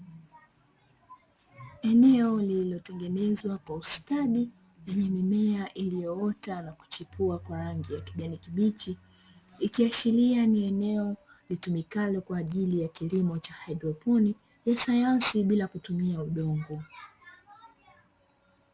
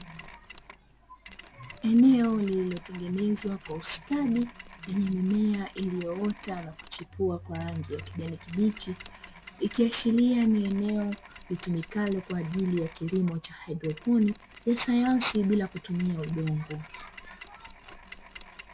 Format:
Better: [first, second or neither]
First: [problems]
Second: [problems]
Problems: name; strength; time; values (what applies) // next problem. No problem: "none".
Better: first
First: none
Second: background sound (Mechanisms); 19 dB below the speech